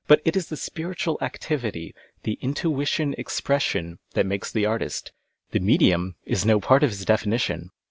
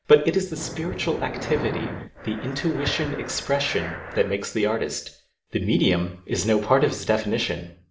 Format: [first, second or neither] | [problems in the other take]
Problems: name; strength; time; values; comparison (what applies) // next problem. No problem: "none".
first | background sound (Breathing); 9 dB below the speech // room echo; dies away in 0.6 s